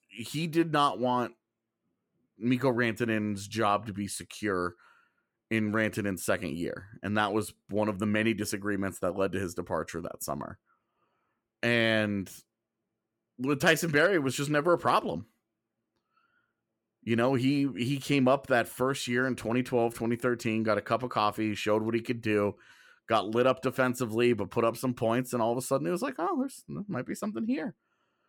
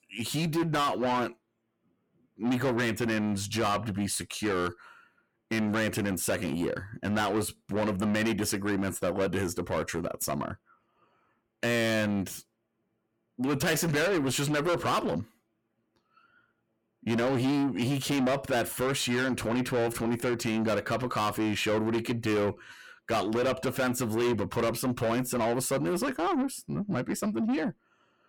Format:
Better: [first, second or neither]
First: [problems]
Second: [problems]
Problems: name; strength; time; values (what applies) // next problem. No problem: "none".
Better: first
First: none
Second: distortion; heavy; 6 dB below the speech